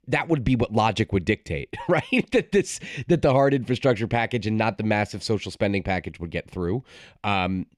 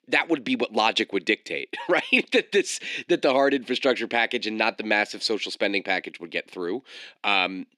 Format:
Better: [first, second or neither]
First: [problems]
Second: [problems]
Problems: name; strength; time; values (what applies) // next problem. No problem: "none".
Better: first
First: none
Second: thin; very slightly; fading below 300 Hz